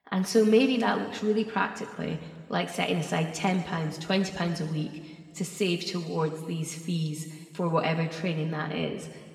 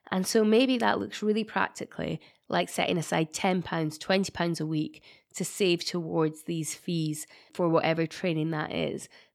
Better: second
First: room echo; slight; dies away in 1.8 s // off-mic speech; somewhat distant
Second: none

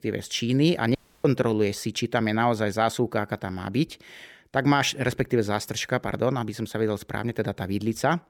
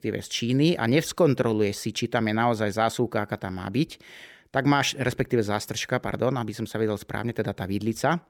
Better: second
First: audio cutting out; at 1 s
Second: none

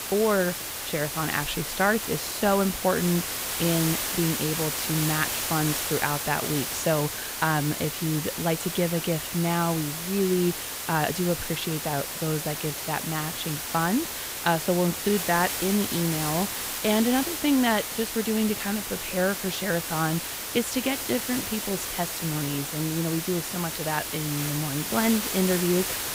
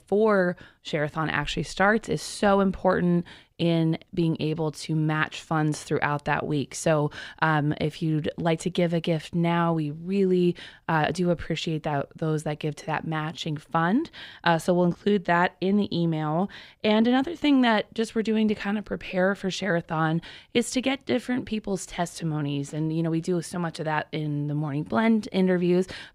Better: second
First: hiss; loud; throughout; 2 dB below the speech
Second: none

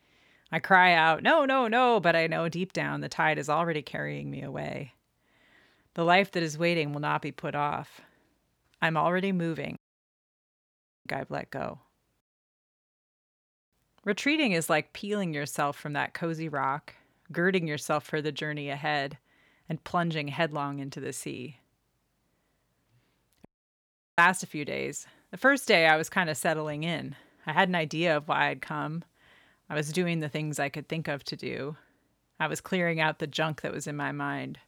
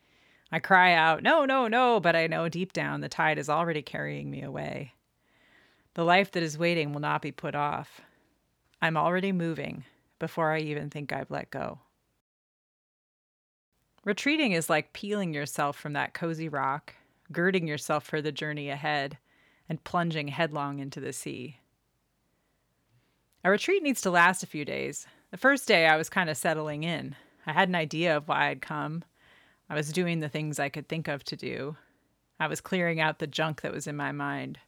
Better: second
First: audio cutting out; at 10 s for 1.5 s and at 23 s for 0.5 s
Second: none

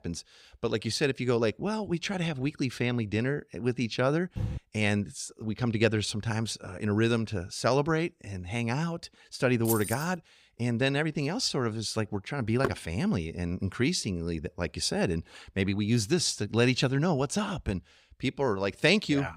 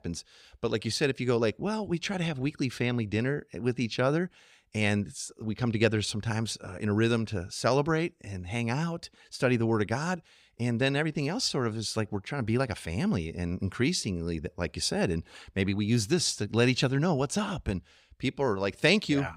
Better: second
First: door banging; noticeable; at 4.5 s and at 13 s; peak 6 dB below the speech // jangling keys; noticeable; at 9.5 s; peak 4 dB below the speech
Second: none

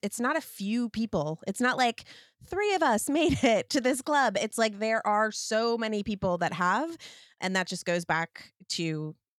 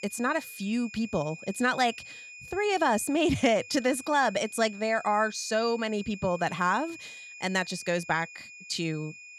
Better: first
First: none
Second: high-pitched whine; noticeable; throughout; 2.5 kHz, 15 dB below the speech

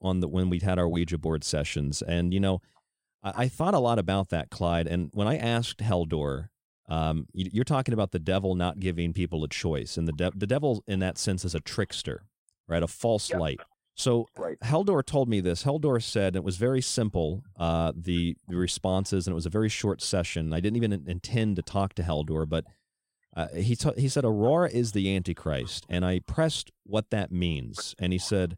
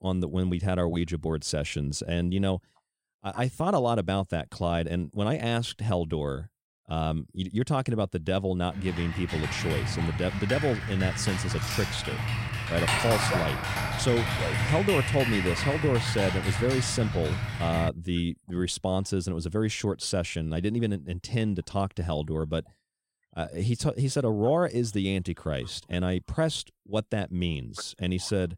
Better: first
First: none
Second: keyboard typing; loud; from 8.5 to 18 s; peak 4 dB above the speech

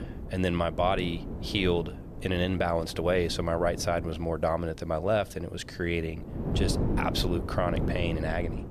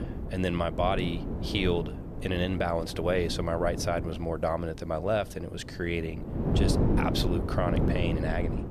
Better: first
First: wind noise on the microphone; occasional gusts; 10 dB below the speech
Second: wind noise on the microphone; heavy; 7 dB below the speech

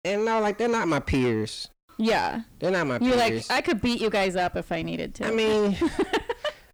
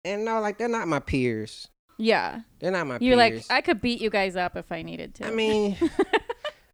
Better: second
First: distortion; heavy; 7 dB below the speech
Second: none

